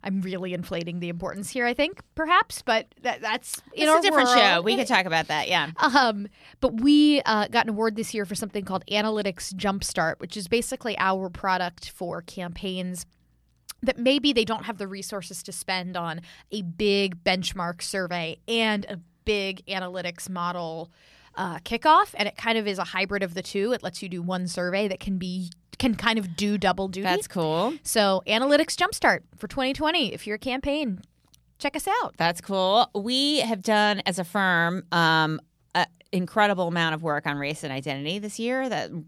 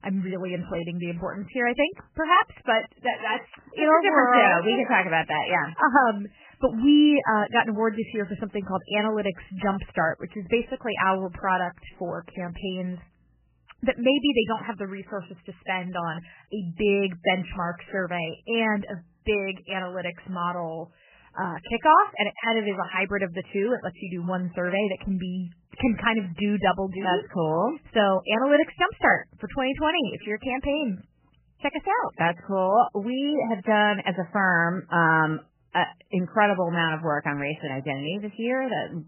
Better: first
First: none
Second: garbled, watery; badly; nothing above 3 kHz

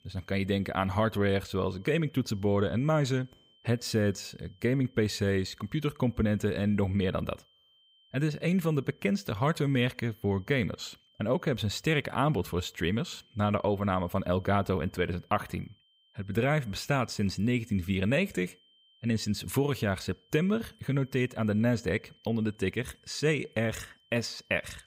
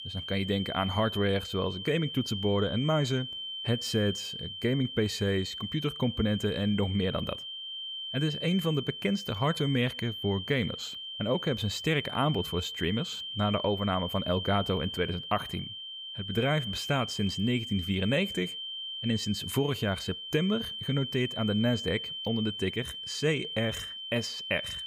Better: first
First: high-pitched whine; faint; throughout; 3 kHz, 35 dB below the speech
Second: high-pitched whine; loud; throughout; 3 kHz, 6 dB below the speech

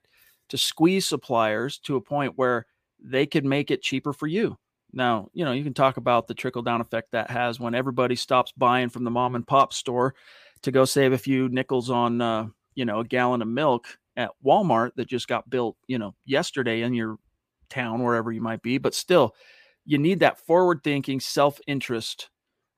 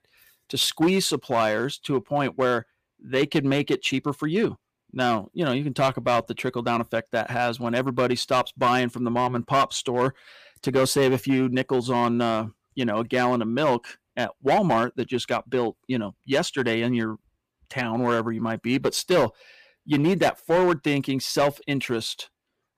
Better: first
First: none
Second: distortion; slight; 4% of the sound clipped

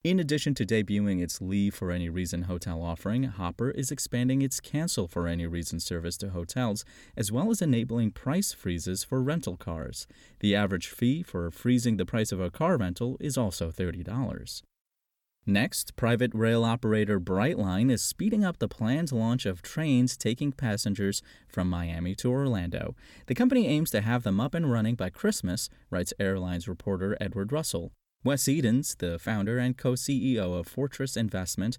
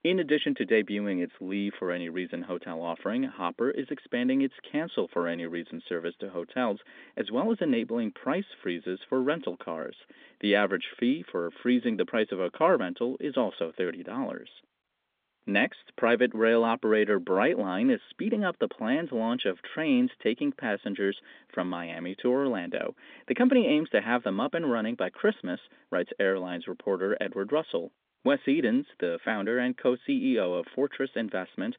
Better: first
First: none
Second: phone-call audio; nothing above 3.5 kHz

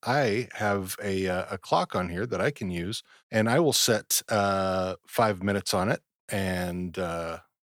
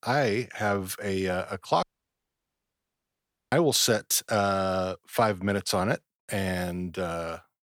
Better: first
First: none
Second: audio cutting out; at 2 s for 1.5 s

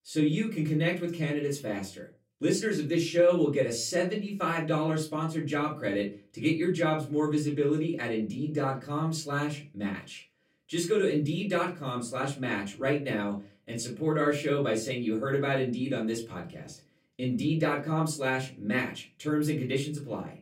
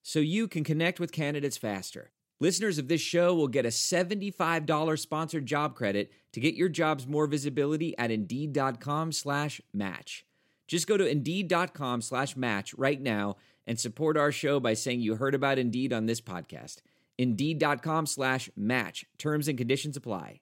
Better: second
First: off-mic speech; far // room echo; very slight; dies away in 0.3 s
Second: none

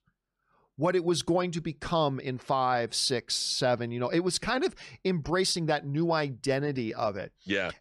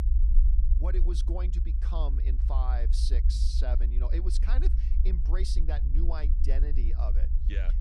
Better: first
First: none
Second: low rumble; loud; throughout; 7 dB below the speech

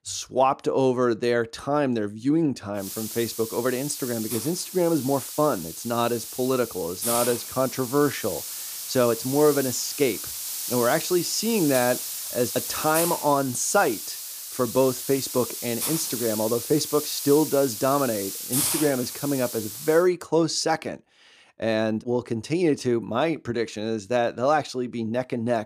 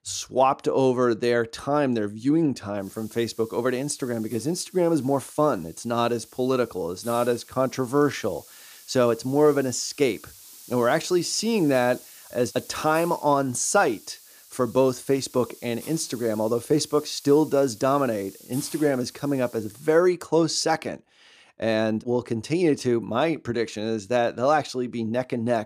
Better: second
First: hiss; loud; from 3 to 20 s; 5 dB below the speech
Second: hiss; faint; from 3 to 20 s; 20 dB below the speech

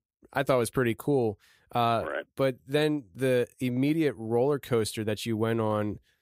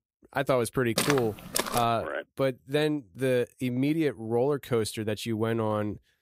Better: first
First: none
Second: footsteps; loud; at 1 s; peak level with the speech

